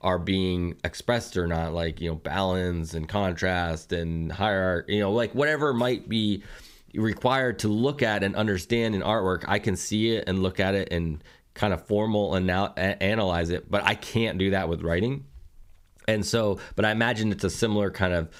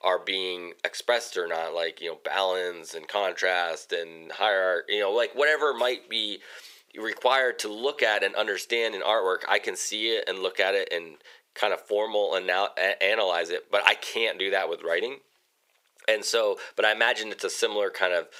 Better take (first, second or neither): first